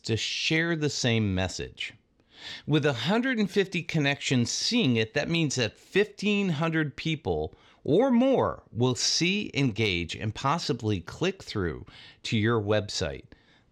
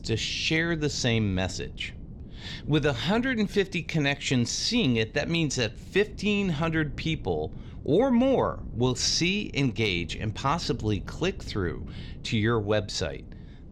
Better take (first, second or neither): first